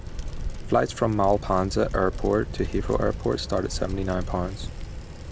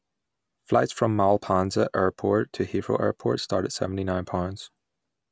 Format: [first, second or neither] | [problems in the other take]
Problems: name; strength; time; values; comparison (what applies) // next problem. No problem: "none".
second | background sound (Bicycle); 6 dB below the speech